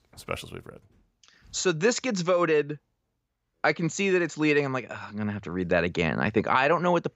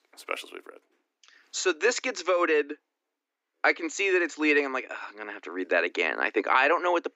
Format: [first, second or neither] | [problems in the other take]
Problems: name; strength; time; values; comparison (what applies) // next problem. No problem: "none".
first | thin; somewhat; fading below 250 Hz